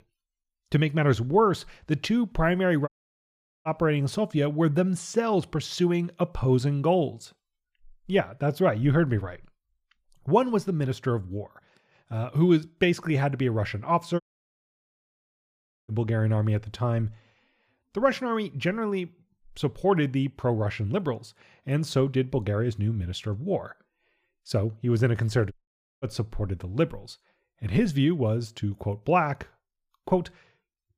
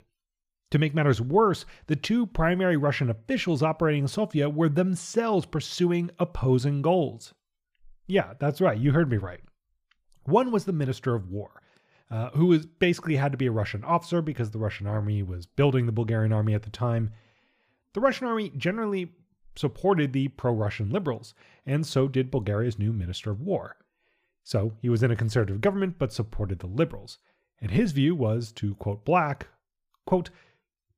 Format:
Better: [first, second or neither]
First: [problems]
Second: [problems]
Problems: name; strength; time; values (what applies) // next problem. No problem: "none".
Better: second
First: audio cutting out; at 3 s for 1 s, at 14 s for 1.5 s and at 26 s for 0.5 s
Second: none